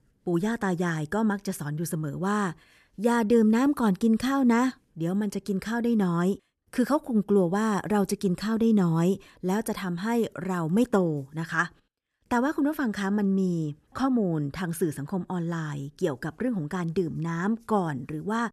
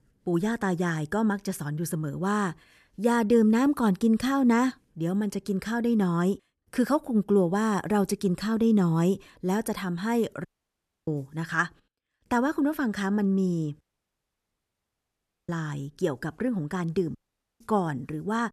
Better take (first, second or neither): first